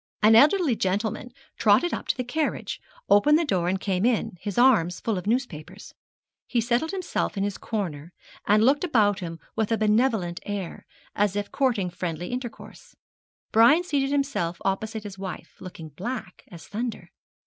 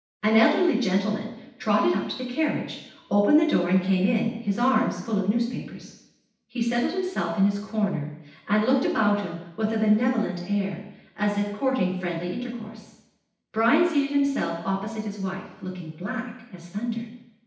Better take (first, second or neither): first